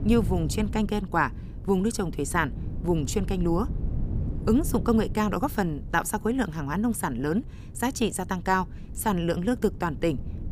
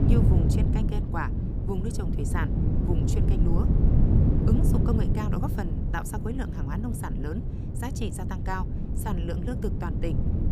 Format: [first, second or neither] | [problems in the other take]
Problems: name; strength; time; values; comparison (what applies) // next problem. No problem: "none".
first | wind noise on the microphone; heavy; 1 dB below the speech; occasional gusts in the first